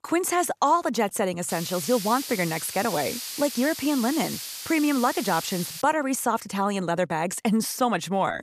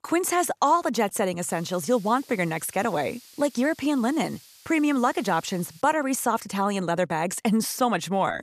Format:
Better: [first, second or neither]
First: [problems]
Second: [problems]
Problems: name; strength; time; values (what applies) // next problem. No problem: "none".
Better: second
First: hiss; loud; from 1.5 to 6 s; 8 dB below the speech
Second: hiss; faint; from 1.5 to 6 s; 25 dB below the speech